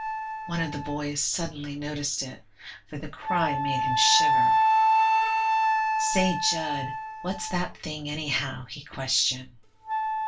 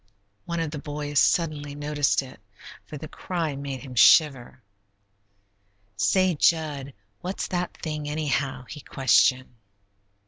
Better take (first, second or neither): second